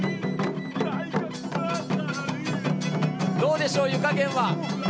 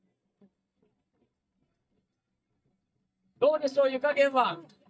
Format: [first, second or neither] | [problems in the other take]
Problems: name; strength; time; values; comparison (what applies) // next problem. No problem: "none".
first | noise reduction (neural mask model DeepFilterNet 3)